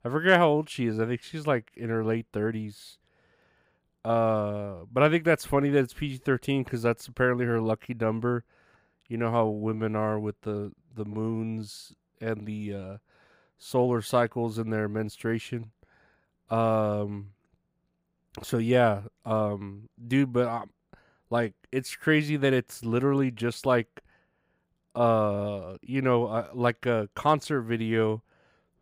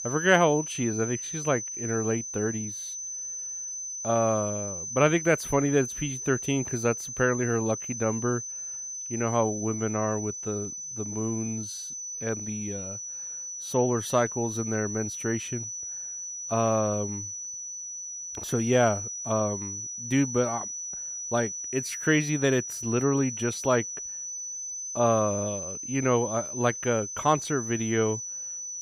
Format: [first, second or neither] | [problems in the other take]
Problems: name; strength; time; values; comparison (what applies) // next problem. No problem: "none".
first | high-pitched whine; loud; throughout; 6 kHz, 6 dB below the speech